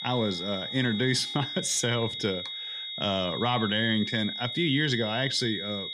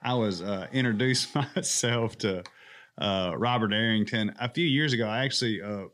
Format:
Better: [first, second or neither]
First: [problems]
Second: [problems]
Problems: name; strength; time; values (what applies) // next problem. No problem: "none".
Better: second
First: high-pitched whine; loud; throughout; 3.5 kHz, 5 dB below the speech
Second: none